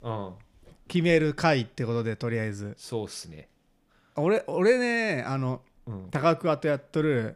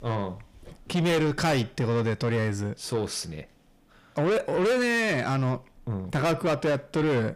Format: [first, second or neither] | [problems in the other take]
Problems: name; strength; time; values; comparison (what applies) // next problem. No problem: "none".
first | distortion; heavy; 7 dB below the speech